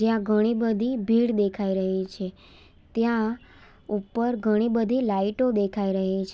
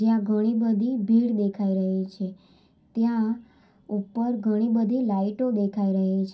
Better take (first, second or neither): first